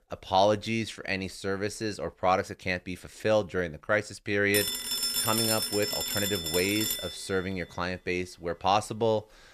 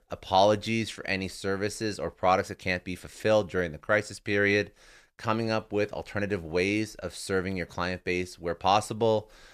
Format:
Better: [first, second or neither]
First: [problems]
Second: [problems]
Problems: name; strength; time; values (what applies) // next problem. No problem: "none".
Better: second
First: phone ringing; loud; from 4.5 to 7 s; peak 4 dB above the speech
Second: none